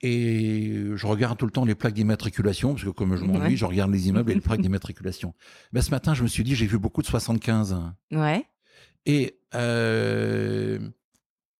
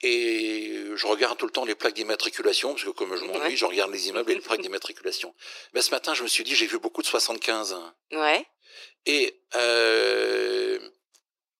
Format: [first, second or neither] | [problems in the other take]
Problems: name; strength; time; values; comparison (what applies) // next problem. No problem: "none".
first | thin; very; fading below 350 Hz